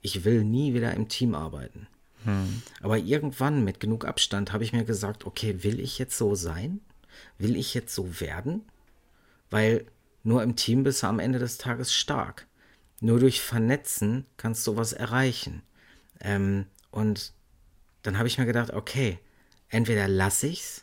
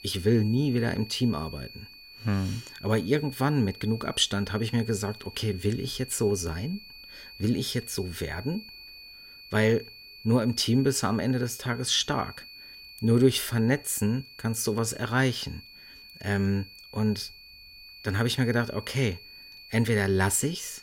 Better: first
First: none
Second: high-pitched whine; noticeable; throughout; 4.5 kHz, 20 dB below the speech

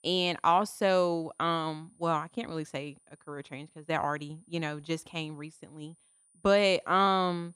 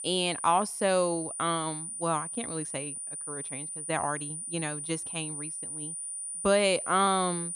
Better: first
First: high-pitched whine; faint; throughout; 9.5 kHz, 35 dB below the speech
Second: high-pitched whine; loud; throughout; 9.5 kHz, 5 dB below the speech

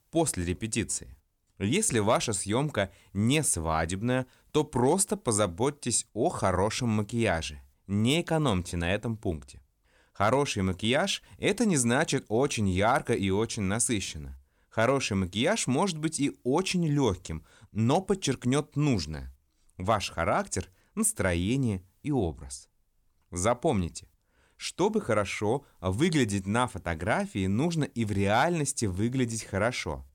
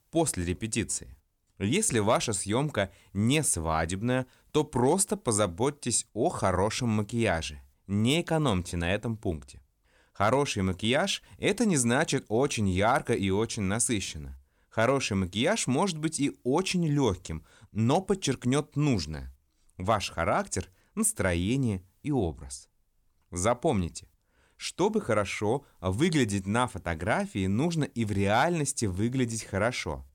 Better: neither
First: none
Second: none

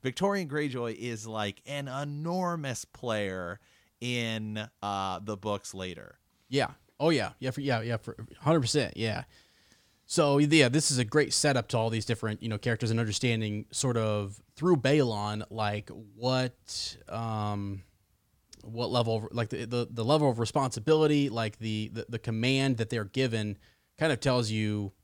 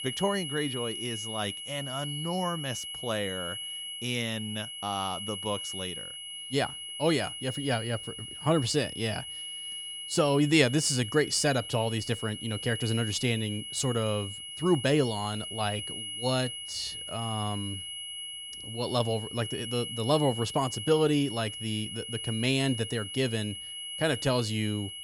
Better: first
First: none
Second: high-pitched whine; loud; throughout; 3 kHz, 6 dB below the speech

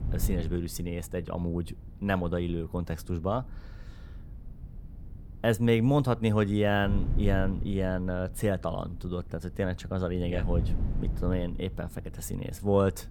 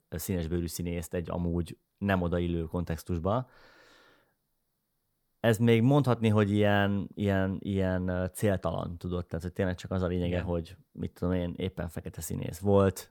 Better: second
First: wind noise on the microphone; occasional gusts; 20 dB below the speech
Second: none

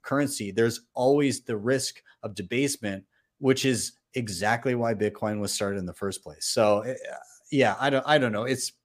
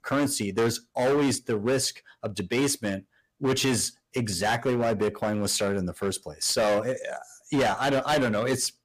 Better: first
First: none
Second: distortion; heavy; 12% of the sound clipped

